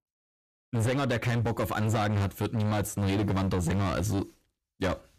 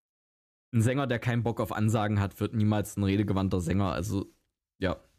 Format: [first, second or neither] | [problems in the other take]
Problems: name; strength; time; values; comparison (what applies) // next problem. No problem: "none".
second | distortion; heavy; 22% of the sound clipped